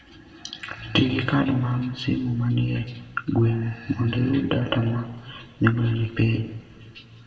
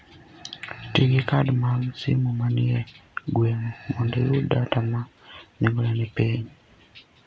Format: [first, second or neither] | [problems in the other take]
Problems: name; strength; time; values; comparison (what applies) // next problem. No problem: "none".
second | room echo; dies away in 1.4 s